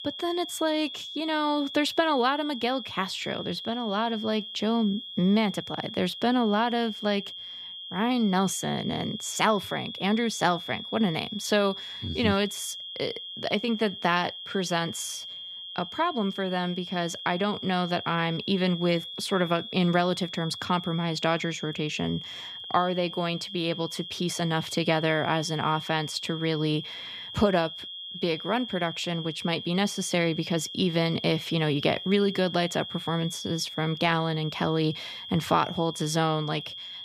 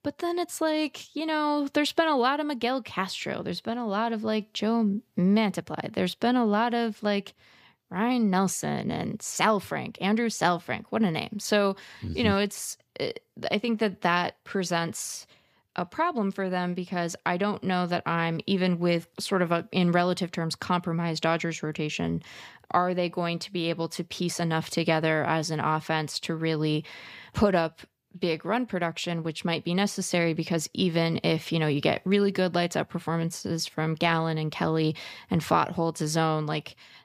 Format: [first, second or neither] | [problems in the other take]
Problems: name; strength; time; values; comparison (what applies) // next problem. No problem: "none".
second | high-pitched whine; loud; throughout; 3 kHz, 9 dB below the speech